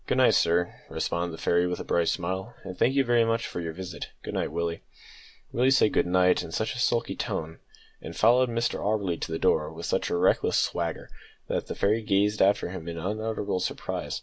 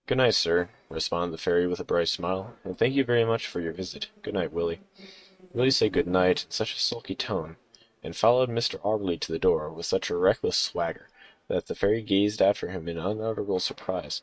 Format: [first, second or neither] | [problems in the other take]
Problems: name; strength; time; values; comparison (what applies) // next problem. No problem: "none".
first | noise reduction (neural mask model RNNoise)